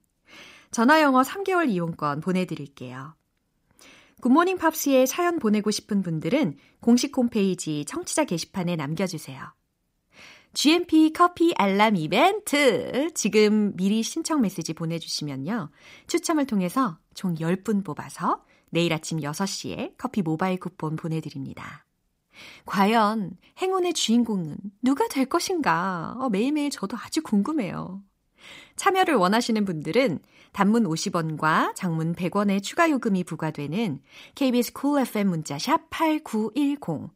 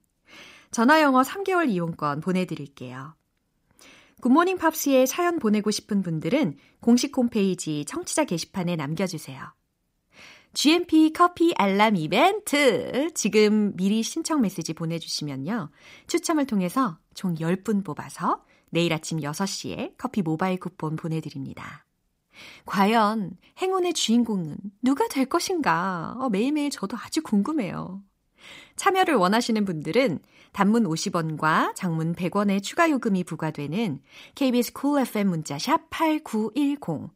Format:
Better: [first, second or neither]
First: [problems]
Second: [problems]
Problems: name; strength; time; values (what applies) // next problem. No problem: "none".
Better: neither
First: none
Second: none